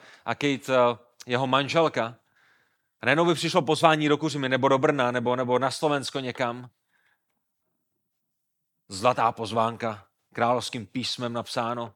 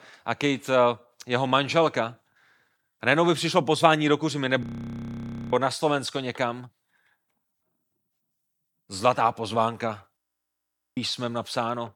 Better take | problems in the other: first | audio freezing; at 4.5 s for 1 s and at 10 s for 1 s

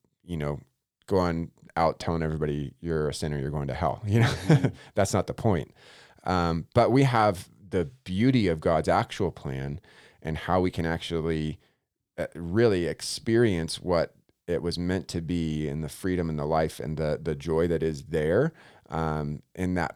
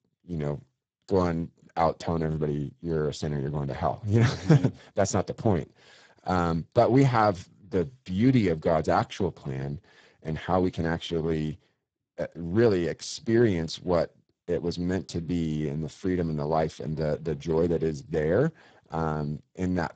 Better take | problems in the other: first | garbled, watery; badly; nothing above 7.5 kHz

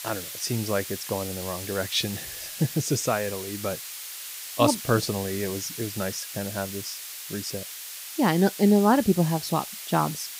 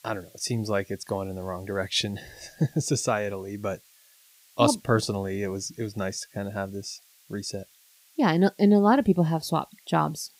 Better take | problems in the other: second | hiss; loud; throughout; 8 dB below the speech; faint in the second

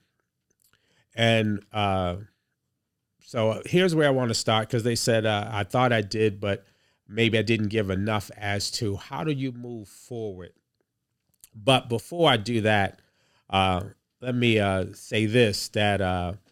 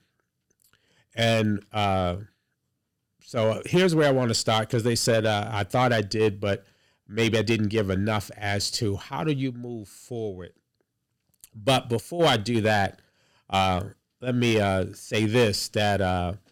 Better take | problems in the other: first | distortion; slight; 2% of the sound clipped

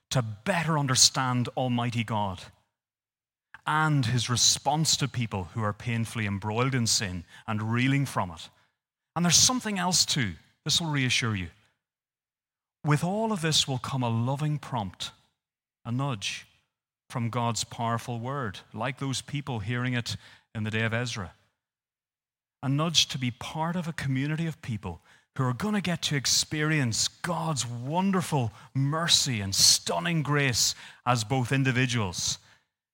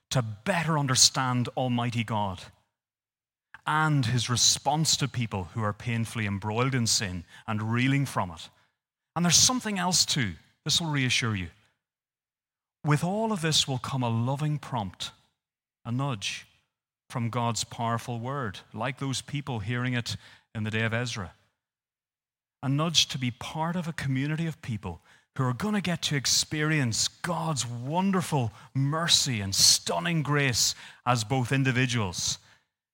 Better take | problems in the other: neither | none

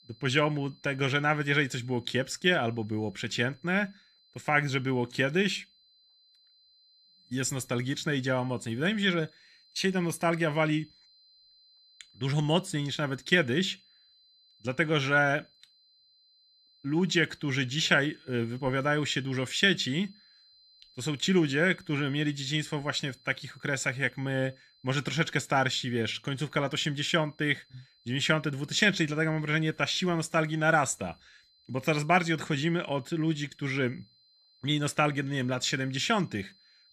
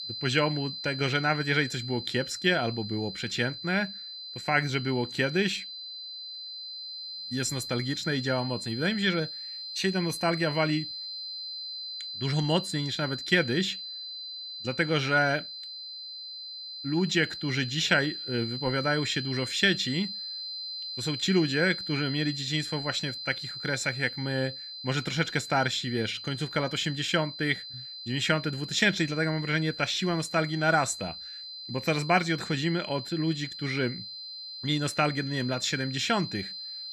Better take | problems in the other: first | high-pitched whine; loud; throughout; 4 kHz, 8 dB below the speech; faint in the first

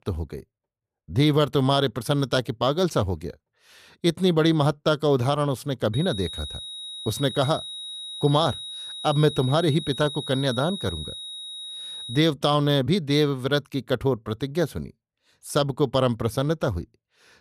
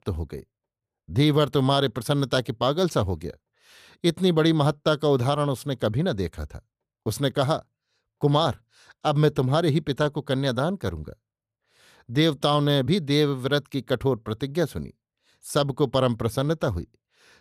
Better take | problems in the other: second | high-pitched whine; loud; from 6 to 12 s; 4 kHz, 9 dB below the speech

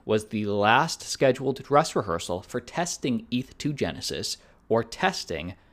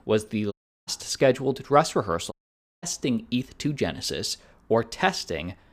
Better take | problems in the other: first | audio cutting out; at 0.5 s and at 2.5 s for 0.5 s

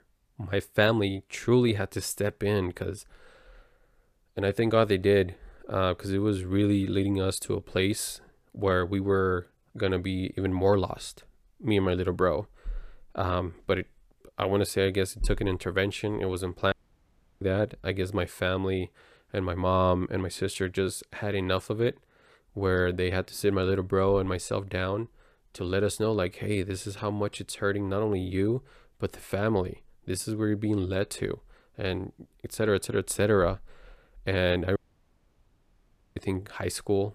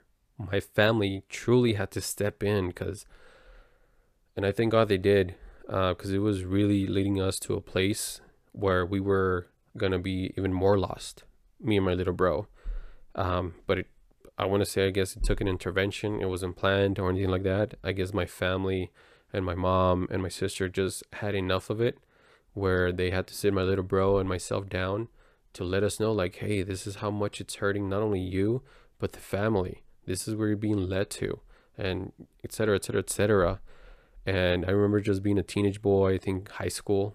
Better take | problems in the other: second | audio cutting out; at 17 s for 0.5 s and at 35 s for 1.5 s

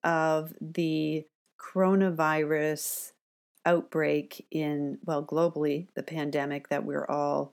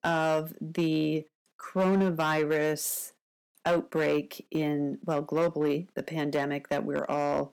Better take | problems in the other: first | distortion; slight; 6% of the sound clipped

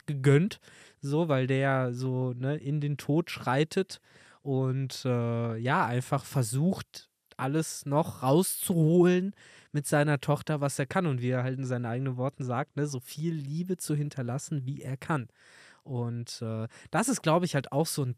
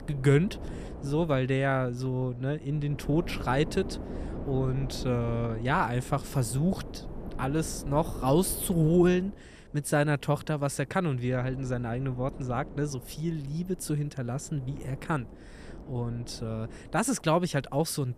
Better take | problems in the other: first | wind noise on the microphone; occasional gusts; 15 dB below the speech

